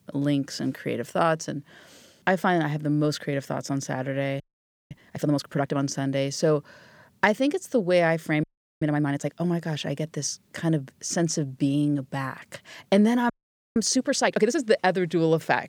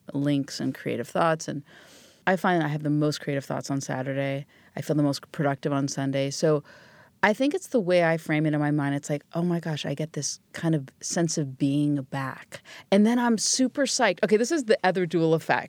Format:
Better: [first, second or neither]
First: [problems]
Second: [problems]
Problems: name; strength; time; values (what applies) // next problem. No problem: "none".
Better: second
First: audio freezing; at 4.5 s for 0.5 s, at 8.5 s and at 13 s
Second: none